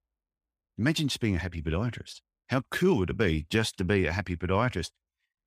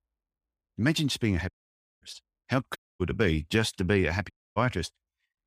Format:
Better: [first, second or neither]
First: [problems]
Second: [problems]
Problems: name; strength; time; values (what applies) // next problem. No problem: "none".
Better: first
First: none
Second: audio cutting out; at 1.5 s for 0.5 s, at 3 s and at 4.5 s